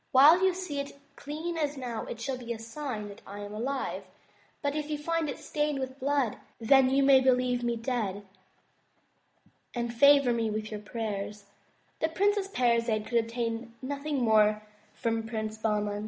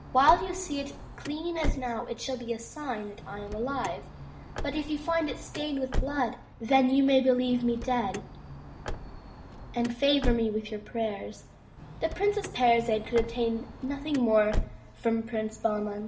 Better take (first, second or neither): first